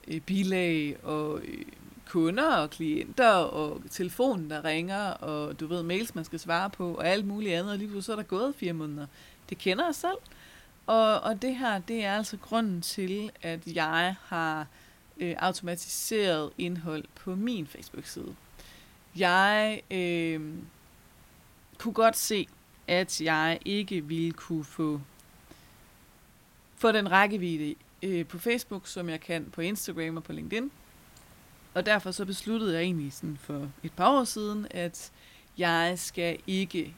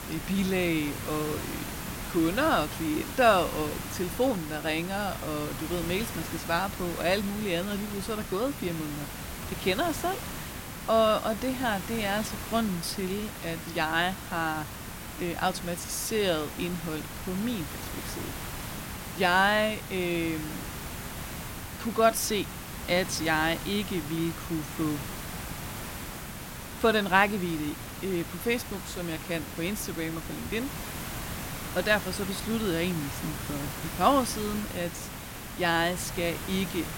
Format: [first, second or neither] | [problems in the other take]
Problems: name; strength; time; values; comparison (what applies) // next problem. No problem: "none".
first | hiss; loud; throughout; 8 dB below the speech; faint in the first